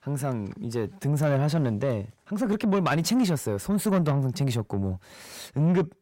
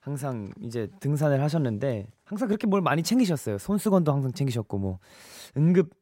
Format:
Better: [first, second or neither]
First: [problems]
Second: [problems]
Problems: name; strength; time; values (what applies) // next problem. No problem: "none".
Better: second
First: distortion; slight; 10 dB below the speech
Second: none